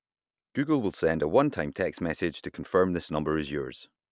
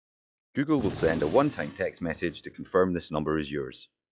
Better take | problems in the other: first | noise reduction (classical method log-MMSE)

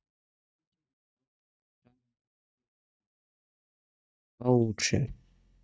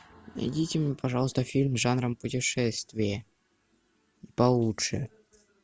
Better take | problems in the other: second | noise reduction (neural mask model DeepFilterNet 3)

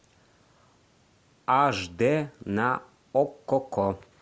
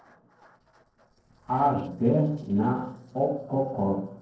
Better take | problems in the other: first | noise reduction (neural separator model SepFormer DNS4)

